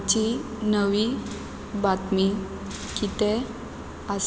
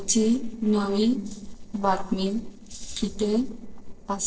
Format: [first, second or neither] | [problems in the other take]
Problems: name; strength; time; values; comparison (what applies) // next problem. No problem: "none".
first | noise reduction (neural separator model SepFormer DNS4)